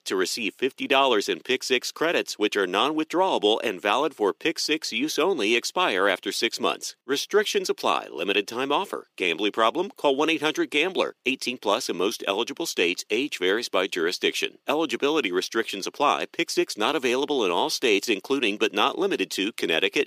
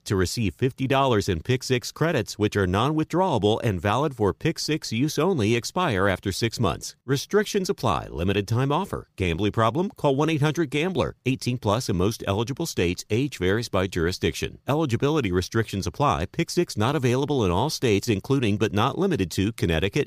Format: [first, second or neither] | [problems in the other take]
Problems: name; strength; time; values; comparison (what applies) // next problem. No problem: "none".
second | thin; somewhat; fading below 300 Hz